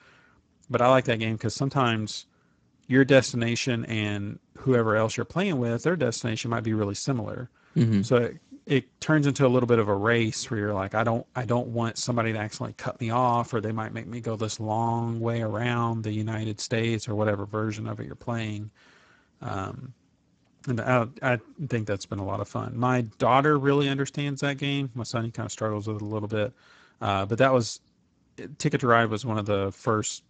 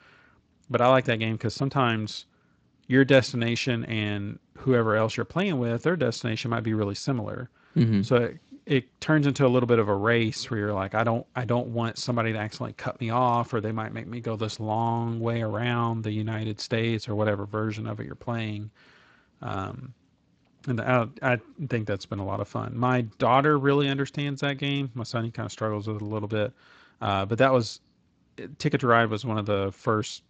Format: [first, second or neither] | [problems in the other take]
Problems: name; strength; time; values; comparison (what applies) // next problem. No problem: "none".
second | garbled, watery; badly; nothing above 7.5 kHz; slightly in the second